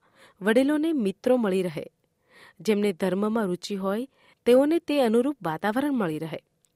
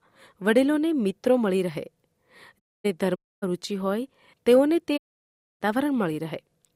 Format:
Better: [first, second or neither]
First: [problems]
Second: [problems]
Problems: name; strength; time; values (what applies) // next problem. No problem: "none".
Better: first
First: none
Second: audio cutting out; at 2.5 s, at 3 s and at 5 s for 0.5 s